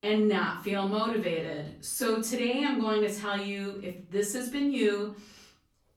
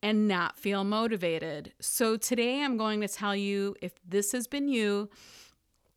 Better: second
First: off-mic speech; far // room echo; slight; dies away in 0.4 s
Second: none

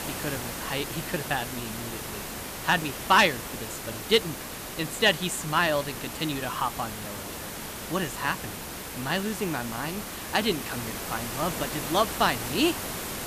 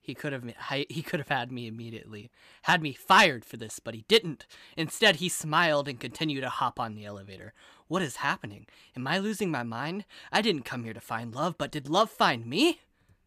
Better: second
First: hiss; loud; throughout; 7 dB below the speech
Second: none

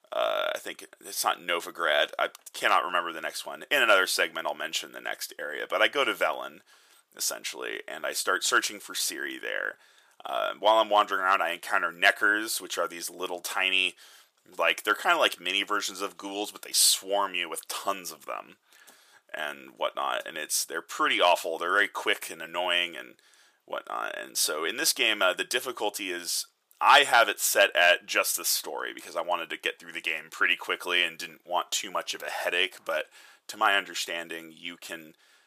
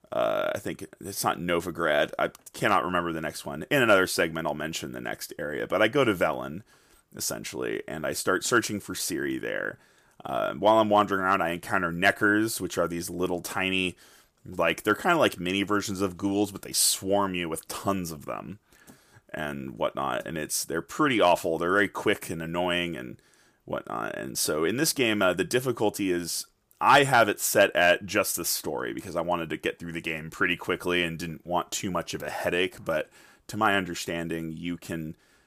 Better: second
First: thin; very; fading below 600 Hz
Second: none

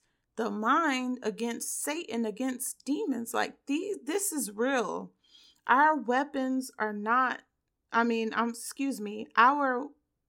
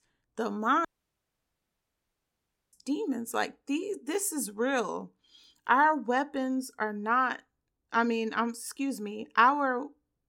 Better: first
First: none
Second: audio cutting out; at 1 s for 2 s

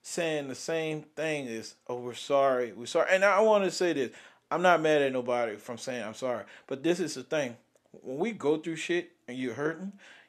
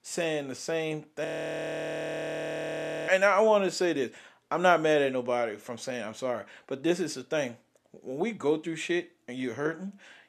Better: first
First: none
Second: audio freezing; at 1.5 s for 2 s

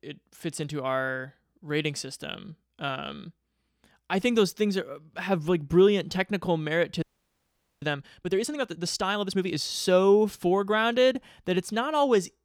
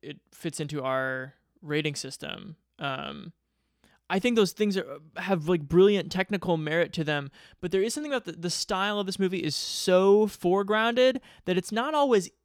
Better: second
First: audio freezing; at 7 s for 1 s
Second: none

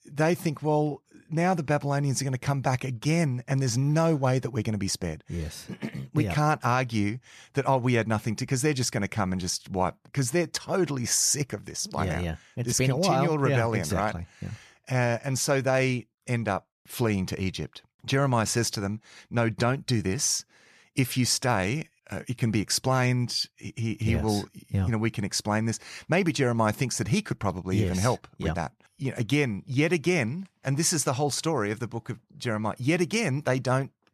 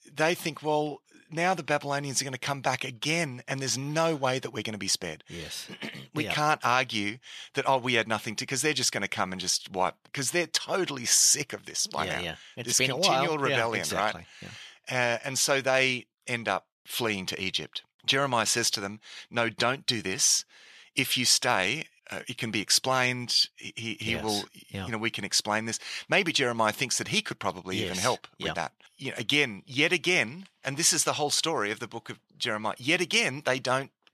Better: first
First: none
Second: thin; somewhat; fading below 1 kHz

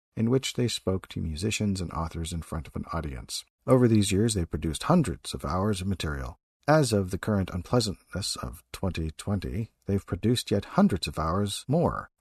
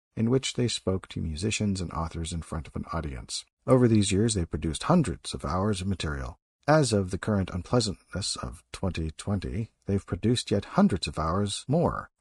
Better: first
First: none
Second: garbled, watery; slightly

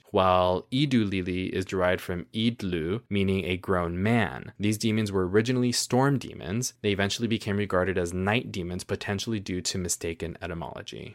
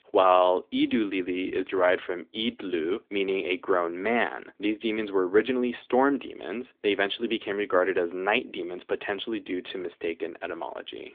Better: first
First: none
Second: phone-call audio; nothing above 3.5 kHz

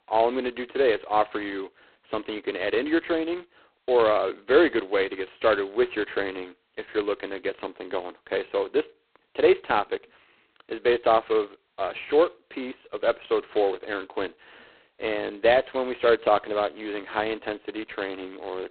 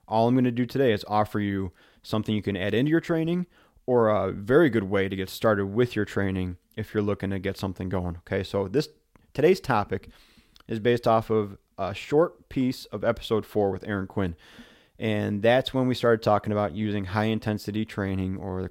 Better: second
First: phone-call audio; poor line; nothing above 4 kHz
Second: none

